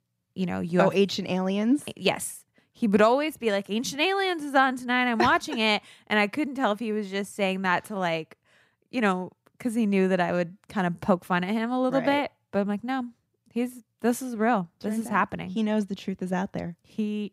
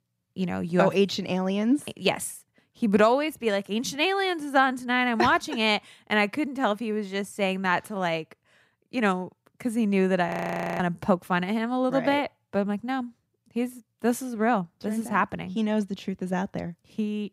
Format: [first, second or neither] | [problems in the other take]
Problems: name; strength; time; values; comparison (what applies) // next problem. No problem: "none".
first | audio freezing; at 10 s for 0.5 s